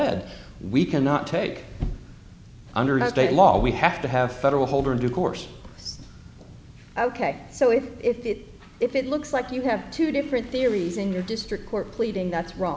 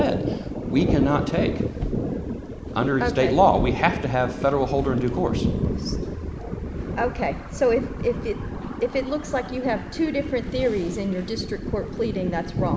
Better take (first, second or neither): first